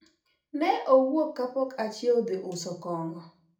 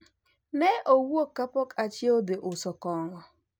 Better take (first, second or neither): second